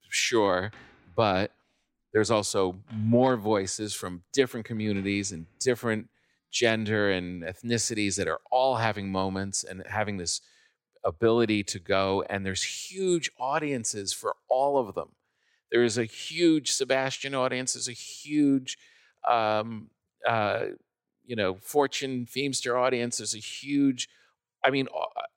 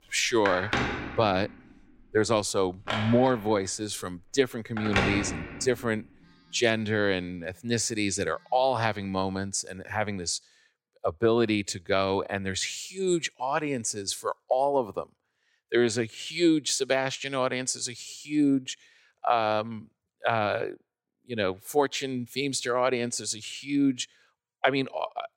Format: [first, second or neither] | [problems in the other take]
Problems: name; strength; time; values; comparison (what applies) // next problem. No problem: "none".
first | alarms or sirens; loud; until 9 s; 4 dB below the speech; faint in the first